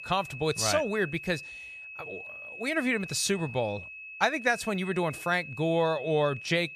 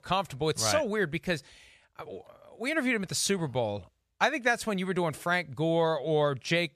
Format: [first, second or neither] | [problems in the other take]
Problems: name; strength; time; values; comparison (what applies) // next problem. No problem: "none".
second | high-pitched whine; noticeable; throughout; 2.5 kHz, 10 dB below the speech